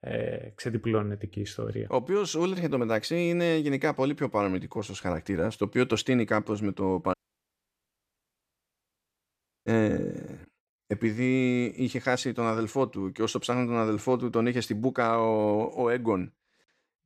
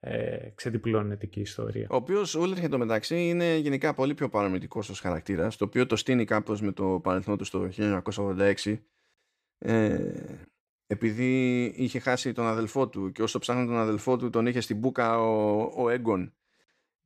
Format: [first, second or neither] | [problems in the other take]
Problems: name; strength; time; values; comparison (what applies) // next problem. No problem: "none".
second | audio cutting out; at 7 s for 2.5 s